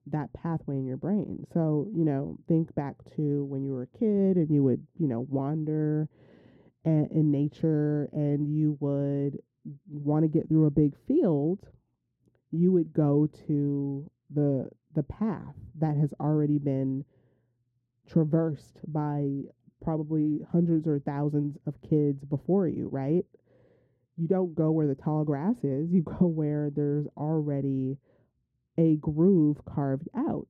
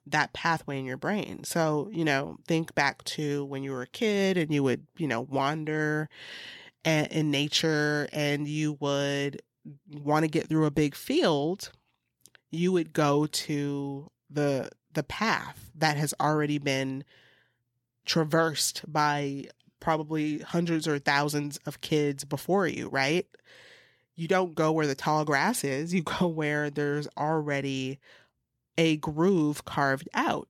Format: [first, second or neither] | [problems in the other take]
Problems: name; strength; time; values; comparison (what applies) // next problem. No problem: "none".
second | muffled; very; fading above 1 kHz